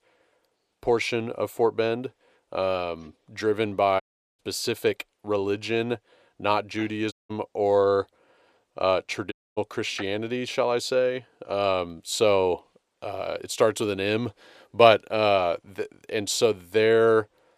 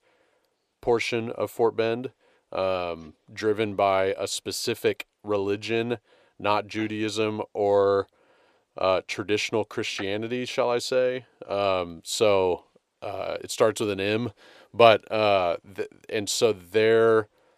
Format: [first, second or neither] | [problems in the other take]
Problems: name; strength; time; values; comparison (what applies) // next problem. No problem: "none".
second | audio cutting out; at 4 s, at 7 s and at 9.5 s